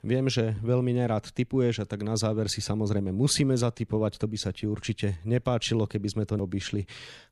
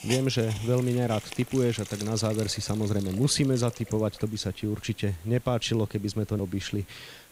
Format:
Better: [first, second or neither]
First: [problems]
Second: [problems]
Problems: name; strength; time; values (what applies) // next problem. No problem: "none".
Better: first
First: none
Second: hiss; noticeable; throughout; 15 dB below the speech